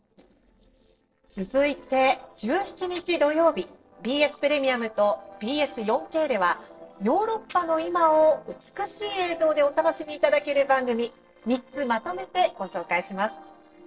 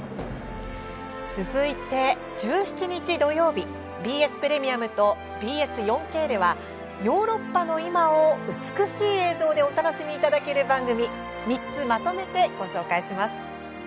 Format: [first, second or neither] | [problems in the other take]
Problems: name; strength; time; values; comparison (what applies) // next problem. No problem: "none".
second | noise reduction (neural separator model SepFormer DNS4)